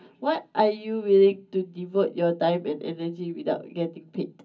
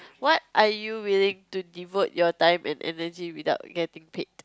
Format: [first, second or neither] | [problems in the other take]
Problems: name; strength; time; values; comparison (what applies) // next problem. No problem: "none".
second | room echo; dies away in 0.4 s